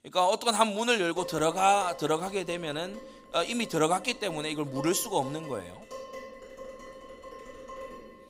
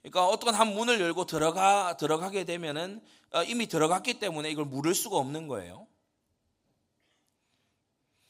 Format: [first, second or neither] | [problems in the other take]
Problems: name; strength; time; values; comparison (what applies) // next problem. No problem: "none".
second | clattering dishes; faint; from 1 s on; peak 10 dB below the speech